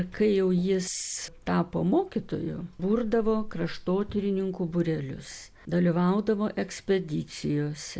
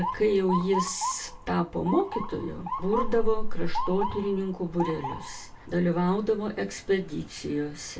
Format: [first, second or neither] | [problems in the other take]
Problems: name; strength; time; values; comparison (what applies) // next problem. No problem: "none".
first | background sound (Motor vehicle (road) / Siren); 10 dB below the speech // room echo; dies away in 0.2 s